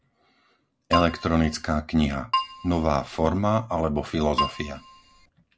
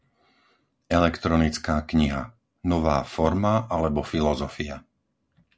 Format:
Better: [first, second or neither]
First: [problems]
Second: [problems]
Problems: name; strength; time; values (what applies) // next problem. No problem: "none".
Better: second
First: background sound (Keyboard (musical)); 5 dB below the speech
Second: none